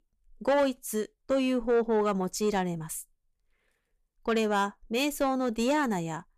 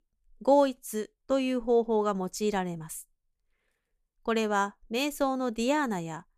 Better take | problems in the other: second | distortion; slight; 10 dB below the speech

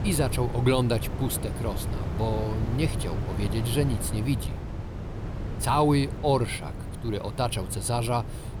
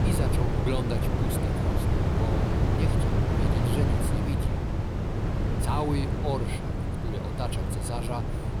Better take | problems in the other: first | wind noise on the microphone; heavy; 2 dB above the speech; occasional gusts in the first

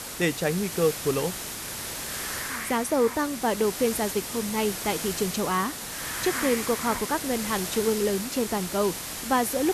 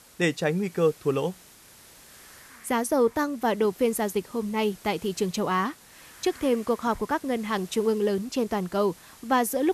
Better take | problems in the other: second | hiss; loud; throughout; 5 dB below the speech; faint in the second

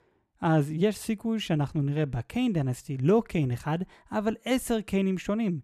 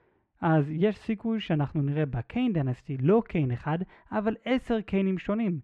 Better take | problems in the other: first | muffled; very; fading above 2 kHz

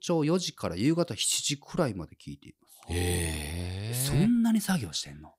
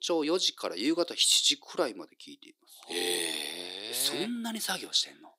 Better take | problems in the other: first | thin; somewhat; fading below 350 Hz

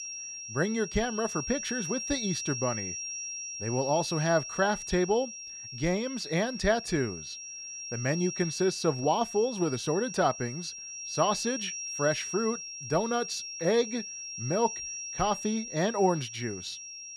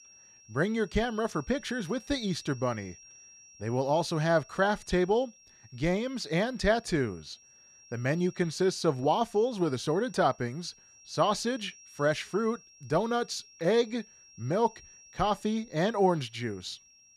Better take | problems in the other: second | high-pitched whine; loud; throughout; 5.5 kHz, 7 dB below the speech; faint in the second

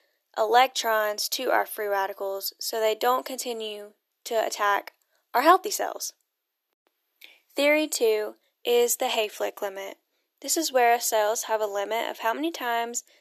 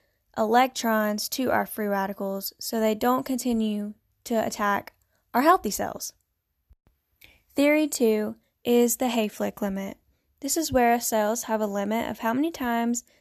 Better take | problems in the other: second | thin; very; fading below 350 Hz

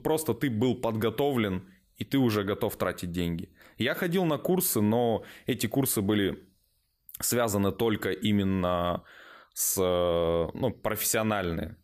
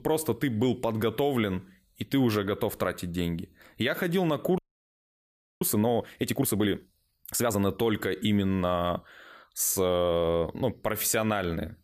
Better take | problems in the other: first | audio freezing; at 4.5 s for 1 s

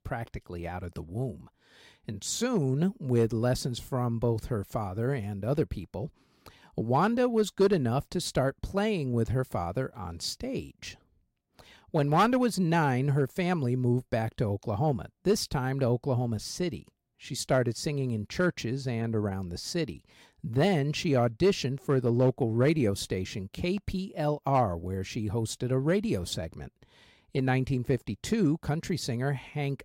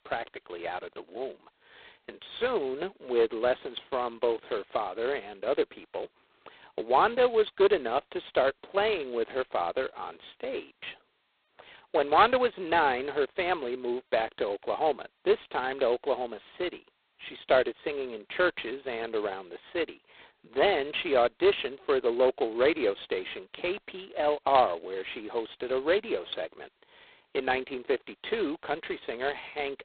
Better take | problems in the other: first | phone-call audio; poor line; nothing above 4 kHz

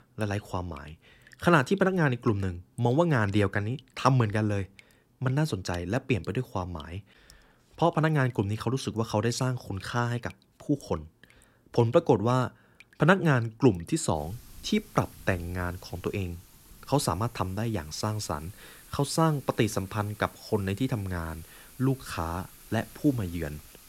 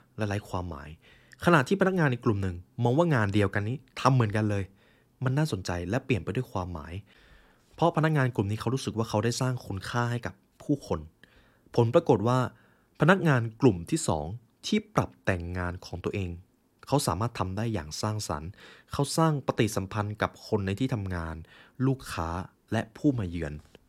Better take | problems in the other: second | rain or running water; faint; throughout; 25 dB below the speech

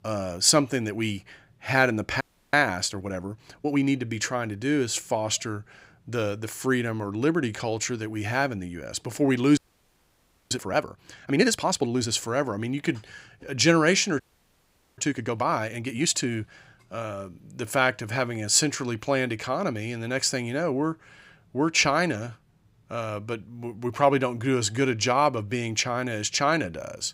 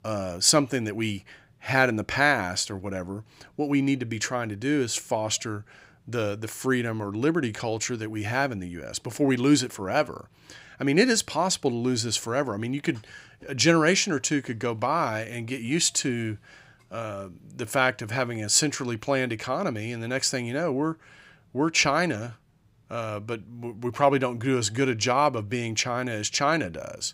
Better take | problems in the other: second | audio freezing; at 2 s, at 9.5 s for 1 s and at 14 s for 1 s

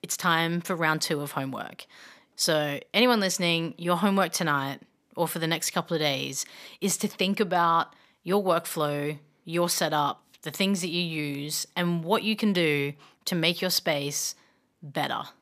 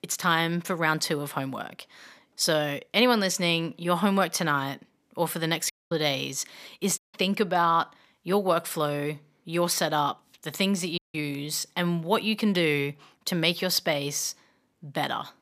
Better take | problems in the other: first | audio cutting out; at 5.5 s, at 7 s and at 11 s

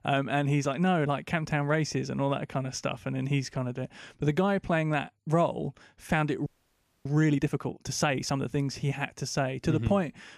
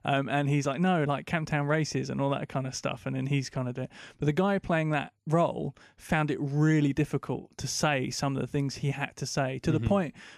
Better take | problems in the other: second | audio freezing; at 6.5 s for 0.5 s

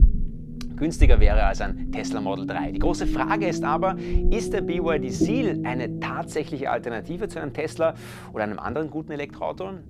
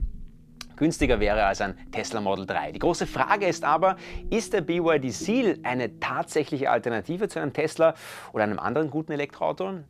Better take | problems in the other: second | low rumble; loud; throughout; 7 dB below the speech; faint in the second

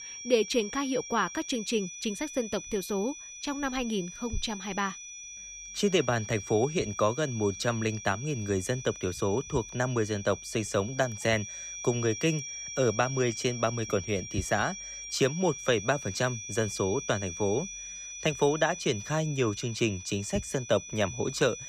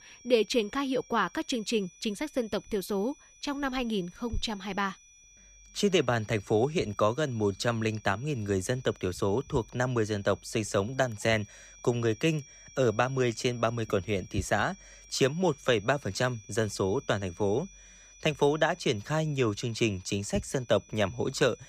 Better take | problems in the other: second | high-pitched whine; loud; throughout; 5.5 kHz, 9 dB below the speech; faint in the second

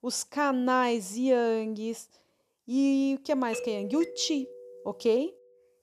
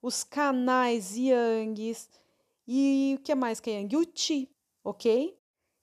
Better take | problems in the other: second | doorbell; noticeable; from 3.5 to 5 s; peak 9 dB below the speech

